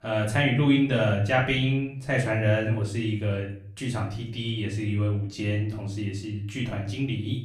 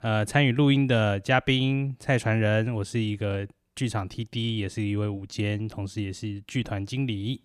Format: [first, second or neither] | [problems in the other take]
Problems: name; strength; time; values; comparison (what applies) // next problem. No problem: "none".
second | room echo; slight; dies away in 0.5 s // off-mic speech; far